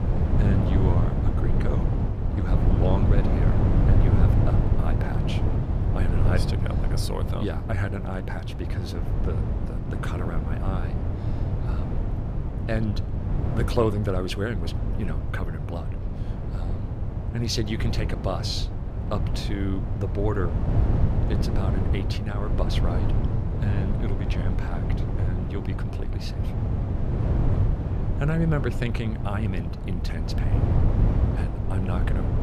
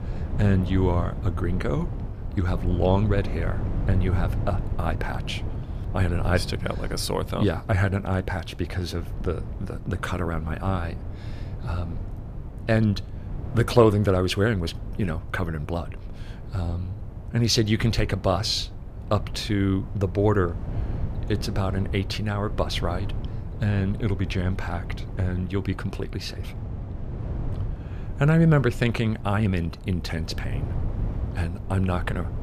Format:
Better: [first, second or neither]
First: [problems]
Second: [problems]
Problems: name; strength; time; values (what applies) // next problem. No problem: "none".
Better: second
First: wind noise on the microphone; heavy; 2 dB below the speech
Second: wind noise on the microphone; occasional gusts; 15 dB below the speech